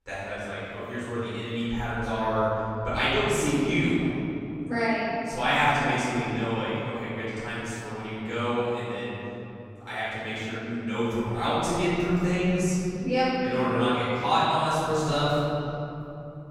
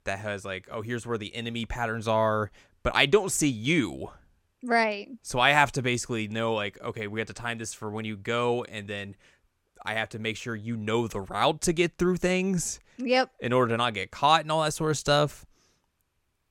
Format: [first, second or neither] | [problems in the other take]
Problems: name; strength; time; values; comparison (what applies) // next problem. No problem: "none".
second | off-mic speech; far // room echo; strong; dies away in 3 s